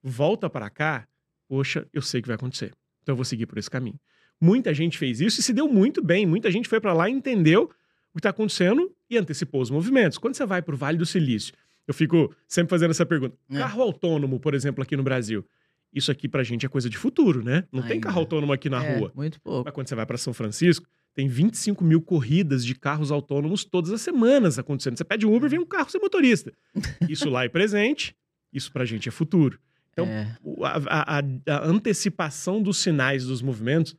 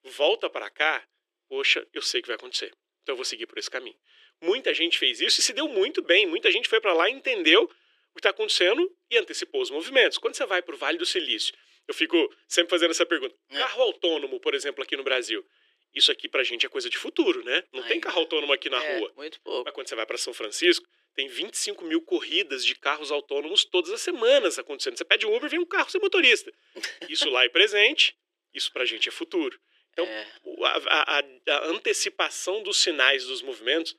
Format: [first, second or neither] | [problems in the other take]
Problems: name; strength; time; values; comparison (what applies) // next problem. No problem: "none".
first | thin; very; fading below 350 Hz